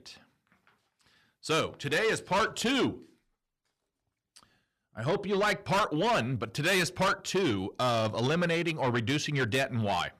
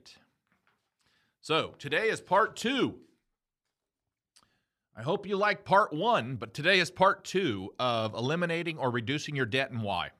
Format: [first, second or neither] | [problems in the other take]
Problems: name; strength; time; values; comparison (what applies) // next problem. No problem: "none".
second | distortion; heavy; 6 dB below the speech